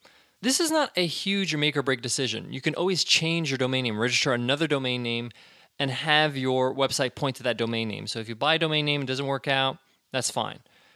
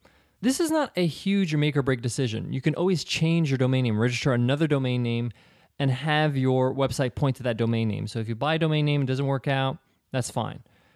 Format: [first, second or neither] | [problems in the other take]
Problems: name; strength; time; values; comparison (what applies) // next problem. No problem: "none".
second | thin; very slightly; fading below 400 Hz